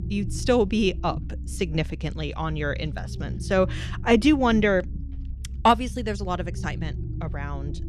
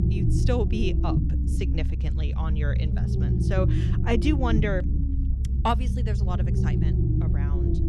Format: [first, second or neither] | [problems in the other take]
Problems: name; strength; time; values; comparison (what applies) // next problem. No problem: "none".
first | low rumble; loud; throughout; 5 dB below the speech; faint in the first